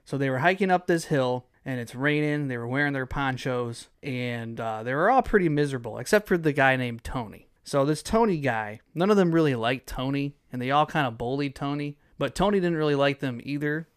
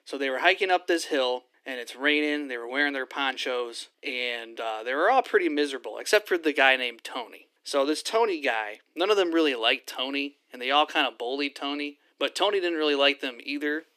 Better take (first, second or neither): first